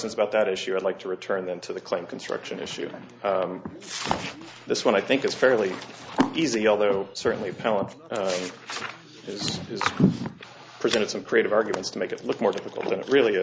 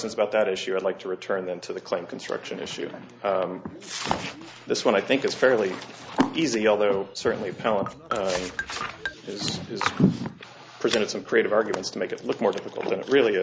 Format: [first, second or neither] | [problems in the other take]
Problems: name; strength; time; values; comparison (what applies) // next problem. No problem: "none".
first | background sound (Marimba, xylophone); 9 dB below the speech